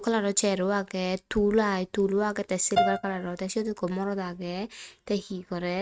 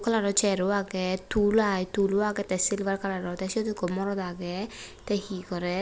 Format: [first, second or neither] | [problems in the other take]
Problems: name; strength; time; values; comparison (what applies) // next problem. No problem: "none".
second | noise reduction (neural mask model RNNoise)